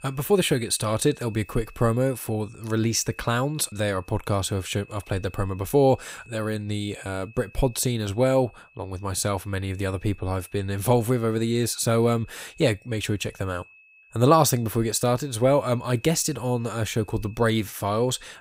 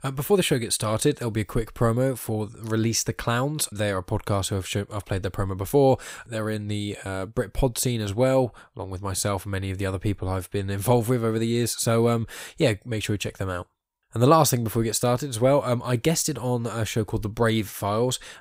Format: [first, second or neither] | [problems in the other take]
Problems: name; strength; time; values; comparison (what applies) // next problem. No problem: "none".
second | high-pitched whine; faint; throughout; 2.5 kHz, 25 dB below the speech